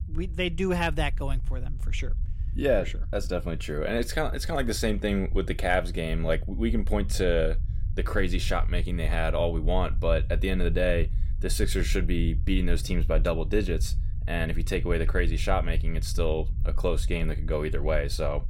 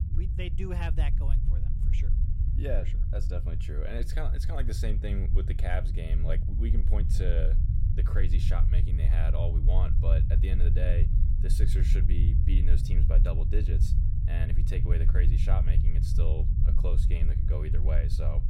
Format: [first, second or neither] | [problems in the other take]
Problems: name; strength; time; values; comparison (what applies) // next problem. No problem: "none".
first | low rumble; loud; throughout; 4 dB below the speech; faint in the first